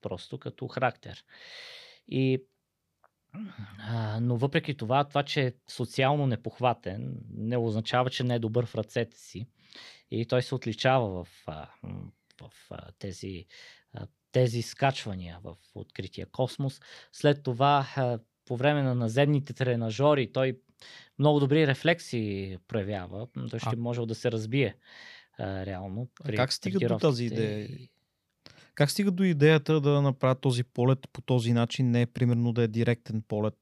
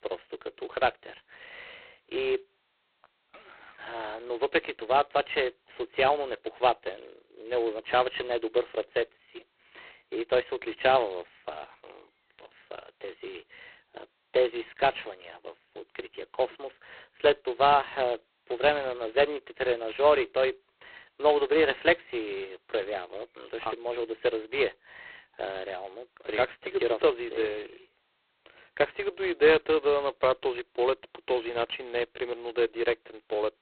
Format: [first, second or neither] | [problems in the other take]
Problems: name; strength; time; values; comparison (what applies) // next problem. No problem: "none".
first | phone-call audio; poor line; nothing above 4 kHz